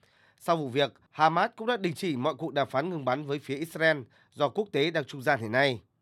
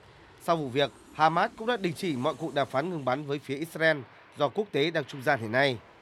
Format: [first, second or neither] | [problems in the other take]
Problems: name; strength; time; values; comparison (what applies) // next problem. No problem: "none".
first | train or aircraft noise; faint; throughout; 25 dB below the speech